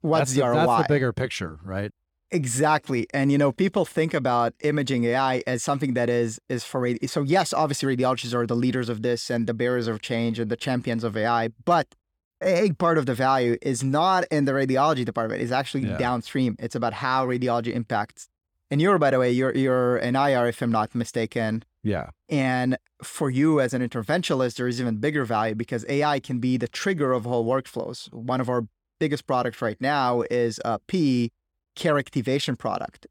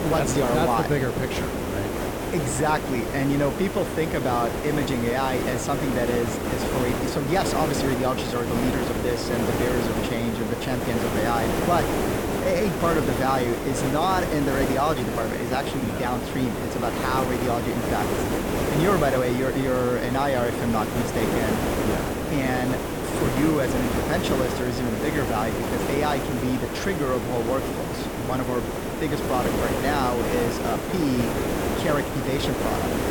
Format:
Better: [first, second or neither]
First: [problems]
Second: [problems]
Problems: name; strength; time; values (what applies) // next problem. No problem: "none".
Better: first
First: none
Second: hiss; loud; throughout; as loud as the speech